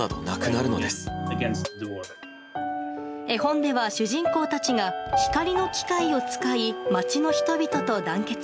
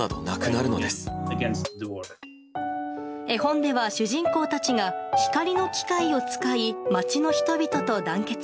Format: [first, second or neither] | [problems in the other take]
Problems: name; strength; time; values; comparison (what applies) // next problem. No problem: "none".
second | background sound (Applause / Cheering + Wind instrument, woodwind instrument); 20 dB below the speech